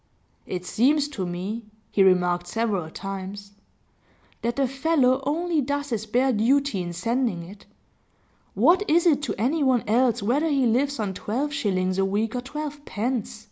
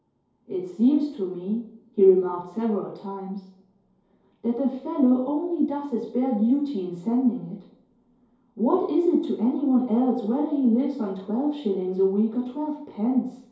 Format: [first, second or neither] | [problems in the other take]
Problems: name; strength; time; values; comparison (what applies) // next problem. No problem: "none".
first | room echo; dies away in 2.4 s